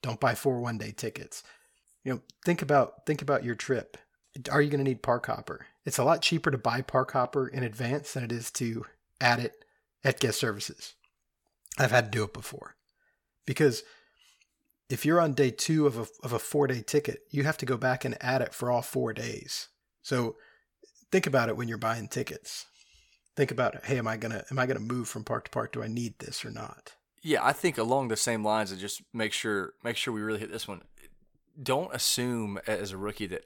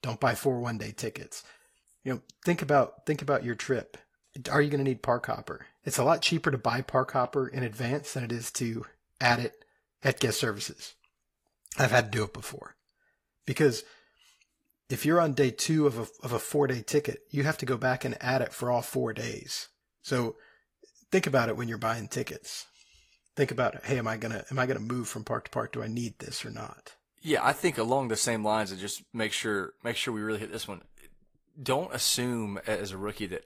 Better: first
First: none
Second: garbled, watery; slightly; nothing above 14.5 kHz

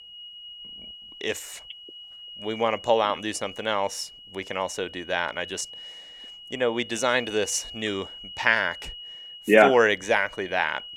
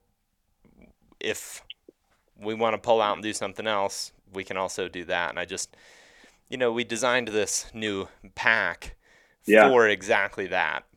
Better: second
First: high-pitched whine; noticeable; throughout; 3 kHz, 15 dB below the speech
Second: none

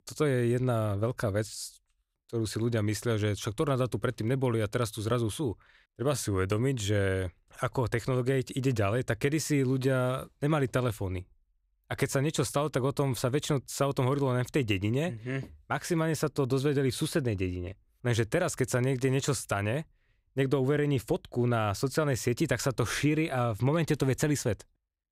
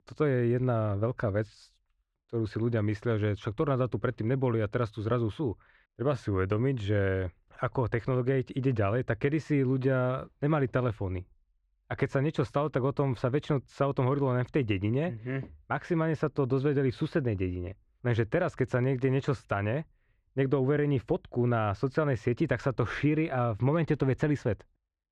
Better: first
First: none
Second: muffled; very; fading above 2 kHz

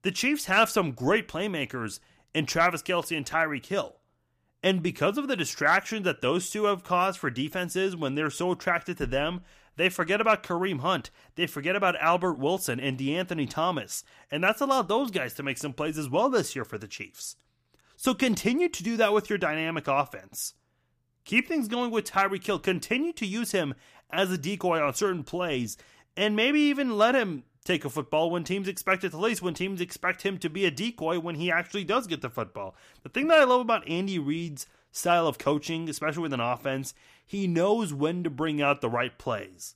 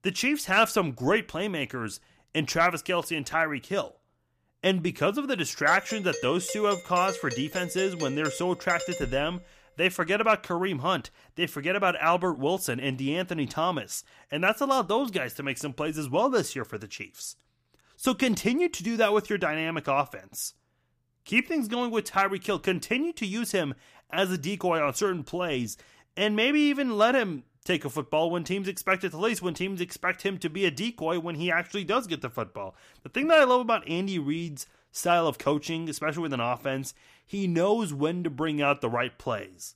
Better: first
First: none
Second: doorbell; noticeable; from 5.5 to 9 s; peak 8 dB below the speech

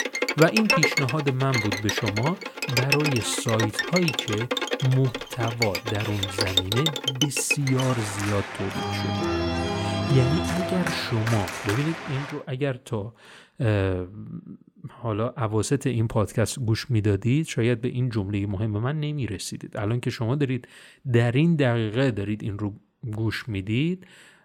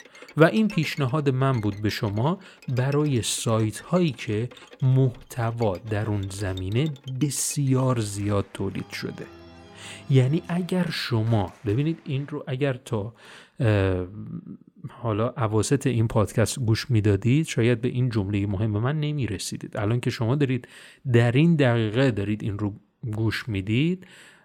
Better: second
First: background music; loud; until 12 s; 1 dB below the speech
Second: background music; faint; until 12 s; 25 dB below the speech

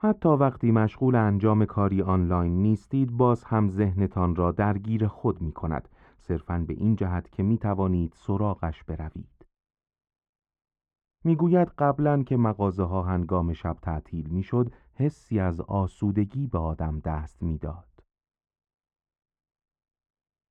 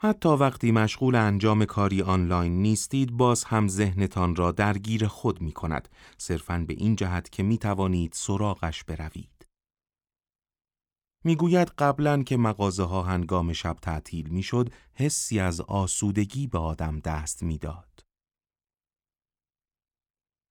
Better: second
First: muffled; very; fading above 3 kHz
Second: none

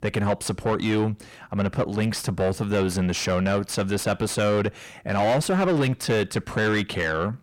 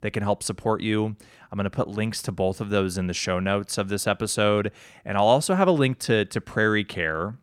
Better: second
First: distortion; heavy; 7 dB below the speech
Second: none

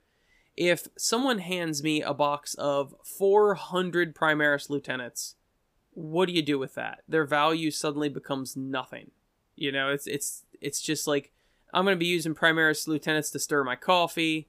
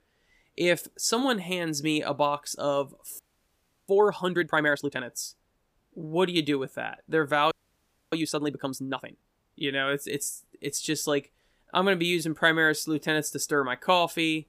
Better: first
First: none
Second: audio freezing; at 3 s for 0.5 s and at 7.5 s for 0.5 s

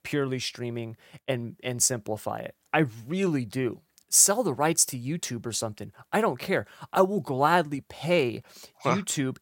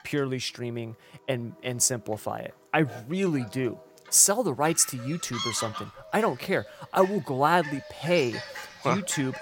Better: first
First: none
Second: animal sounds; noticeable; throughout; 15 dB below the speech

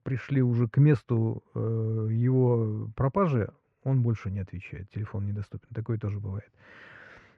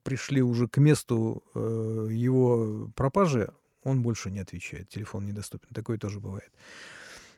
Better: second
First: muffled; very; fading above 2 kHz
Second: none

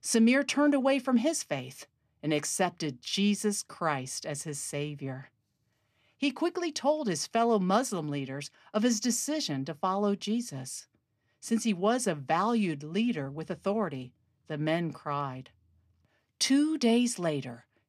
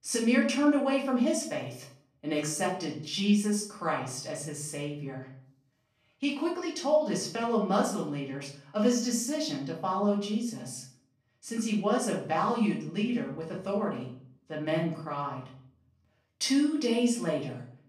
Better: first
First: none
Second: off-mic speech; far // room echo; slight; dies away in 0.5 s

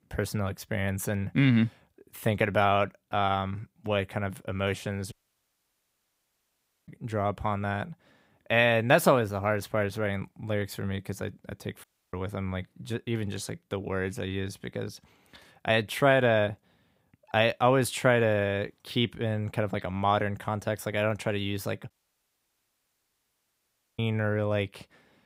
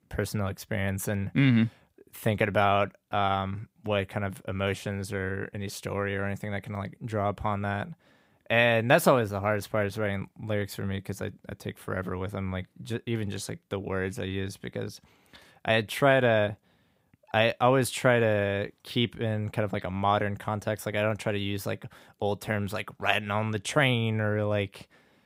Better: second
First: audio cutting out; at 5 s for 2 s, at 12 s and at 22 s for 2 s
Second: none

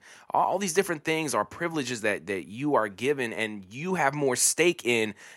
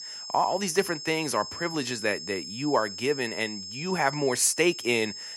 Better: first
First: none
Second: high-pitched whine; loud; throughout; 5 kHz, 9 dB below the speech

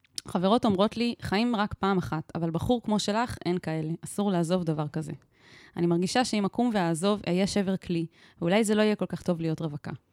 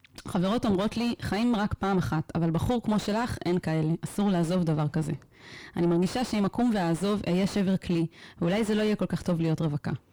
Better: first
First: none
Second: distortion; heavy; 6 dB below the speech

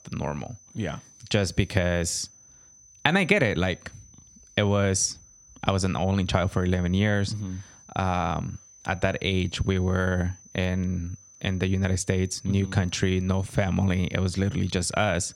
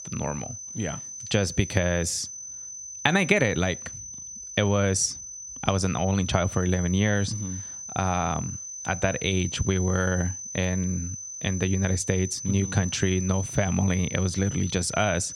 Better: first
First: high-pitched whine; faint; throughout; 6 kHz, 25 dB below the speech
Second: high-pitched whine; loud; throughout; 6 kHz, 9 dB below the speech

